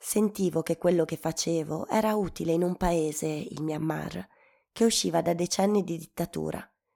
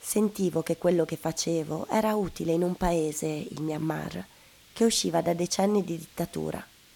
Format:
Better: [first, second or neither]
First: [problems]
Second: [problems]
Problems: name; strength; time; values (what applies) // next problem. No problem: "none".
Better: first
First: none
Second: hiss; faint; throughout; 25 dB below the speech